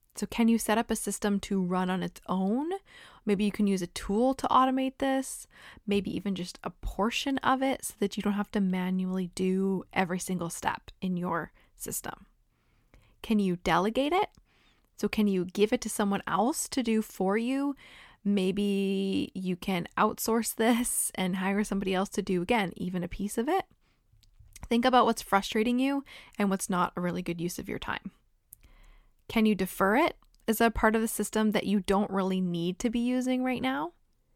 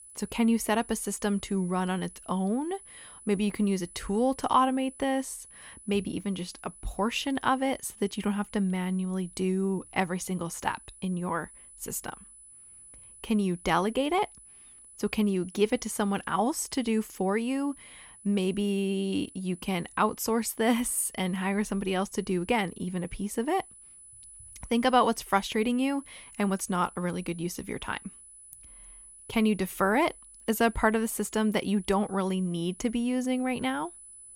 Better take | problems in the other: first | high-pitched whine; noticeable; throughout; 10 kHz, 20 dB below the speech

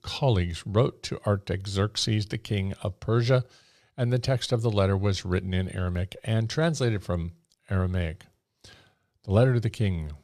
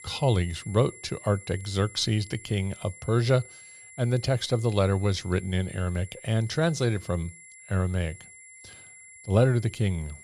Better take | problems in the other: first | high-pitched whine; noticeable; throughout; 2 kHz, 20 dB below the speech

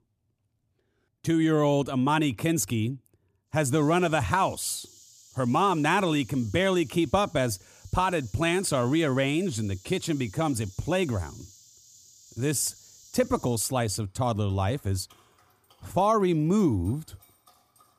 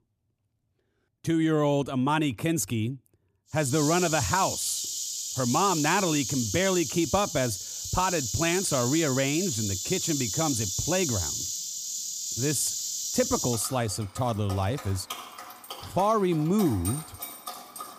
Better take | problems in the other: first | animal sounds; loud; from 3.5 s on; 3 dB below the speech; faint in the first

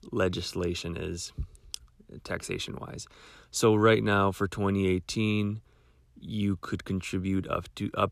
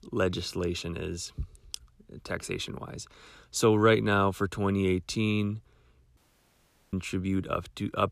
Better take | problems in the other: first | audio cutting out; at 6 s for 1 s

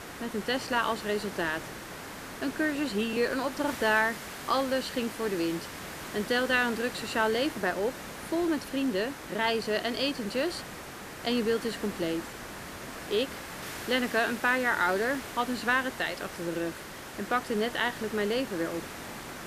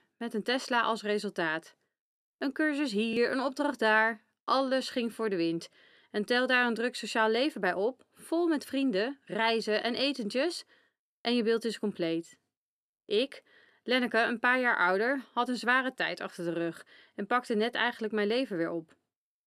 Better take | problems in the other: second | hiss; noticeable; throughout; 10 dB below the speech

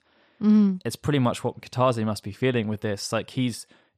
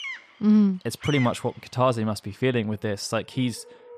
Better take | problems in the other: first | animal sounds; noticeable; throughout; 10 dB below the speech

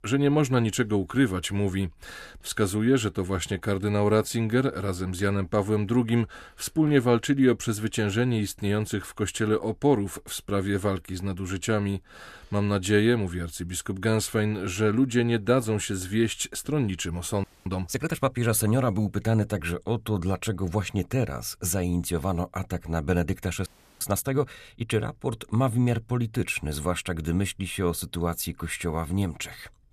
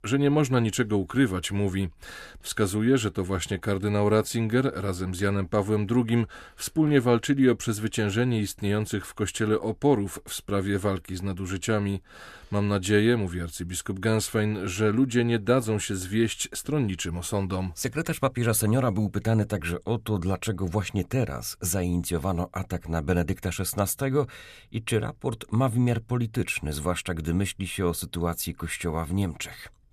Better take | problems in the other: second | audio freezing; at 17 s and at 24 s

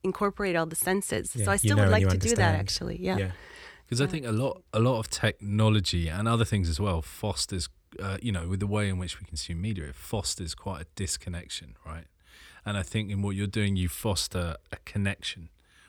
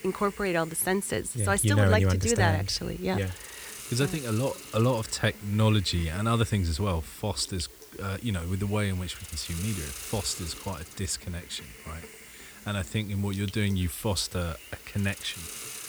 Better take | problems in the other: first | hiss; noticeable; throughout; 15 dB below the speech

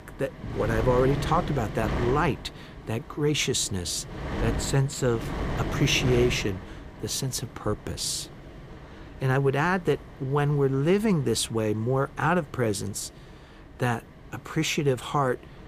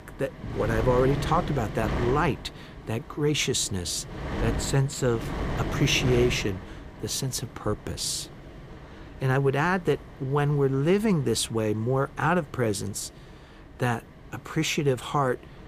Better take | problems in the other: neither | wind noise on the microphone; occasional gusts; 10 dB below the speech; the same in both

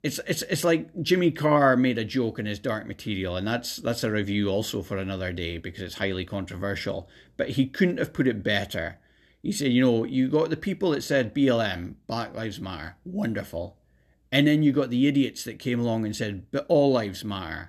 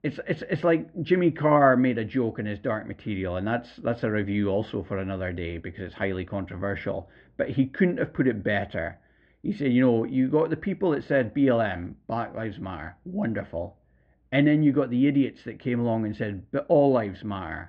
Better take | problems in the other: first | muffled; very; fading above 2 kHz

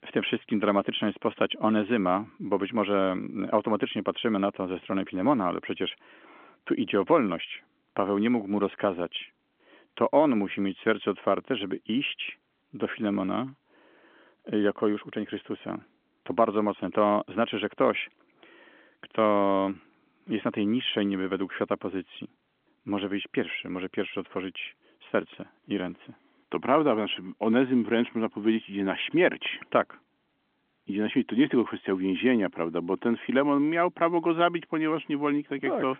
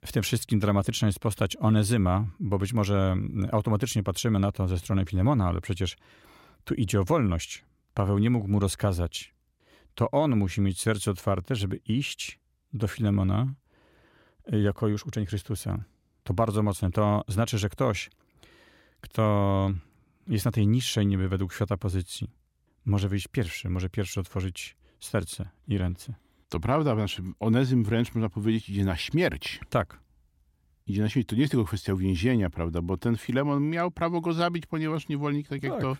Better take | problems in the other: second | phone-call audio; nothing above 3.5 kHz

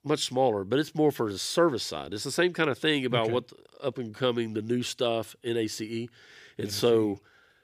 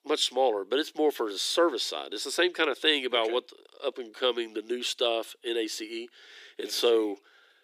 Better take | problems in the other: first | thin; somewhat; fading below 300 Hz

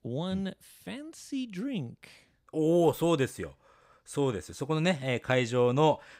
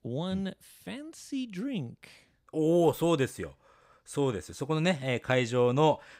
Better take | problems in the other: neither | none

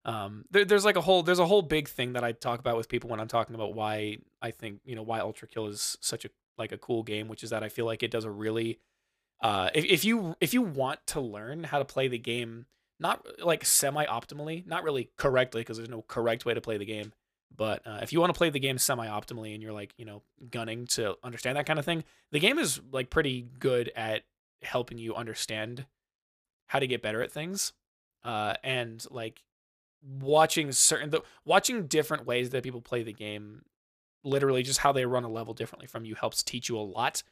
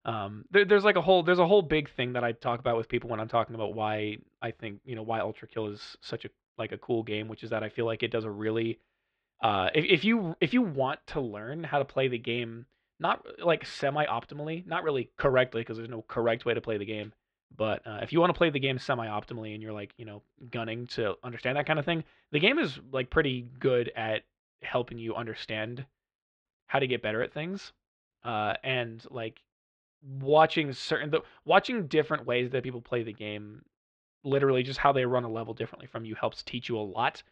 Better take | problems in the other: first | muffled; very; fading above 3.5 kHz

